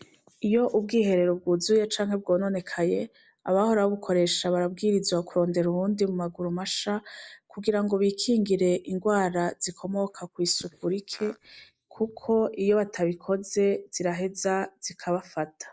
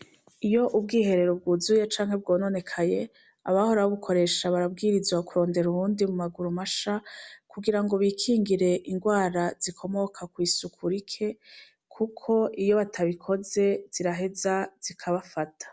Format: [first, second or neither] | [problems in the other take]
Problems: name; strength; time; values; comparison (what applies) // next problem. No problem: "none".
second | noise reduction (neural mask model Resemble Enhance denoiser)